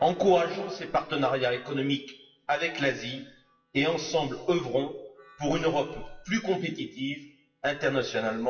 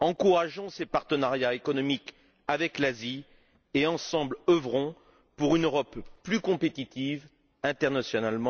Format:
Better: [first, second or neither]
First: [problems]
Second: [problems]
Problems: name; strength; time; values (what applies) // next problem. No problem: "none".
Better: second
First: noise reduction (classical method WPE with log-MMSE)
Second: none